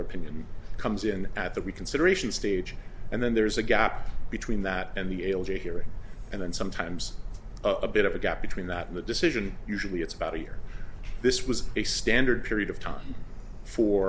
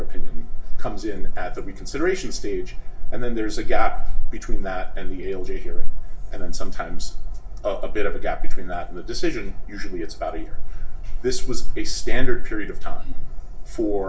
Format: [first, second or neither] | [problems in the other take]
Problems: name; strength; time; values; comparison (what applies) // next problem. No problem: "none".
first | room echo; dies away in 0.2 s